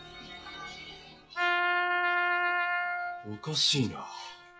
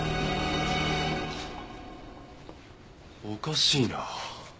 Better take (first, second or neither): second